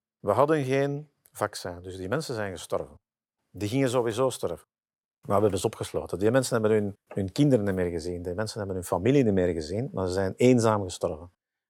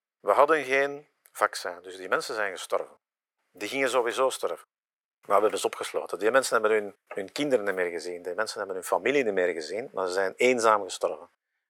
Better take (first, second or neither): first